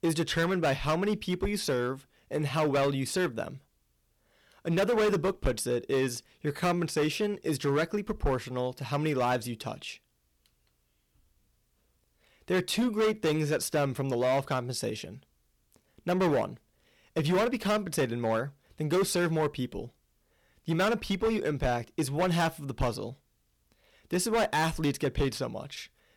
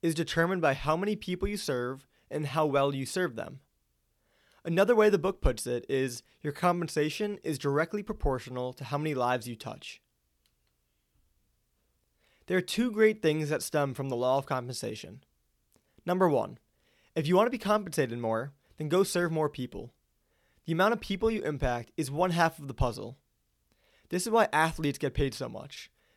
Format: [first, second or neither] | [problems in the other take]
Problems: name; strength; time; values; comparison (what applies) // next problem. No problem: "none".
second | distortion; heavy; 8% of the sound clipped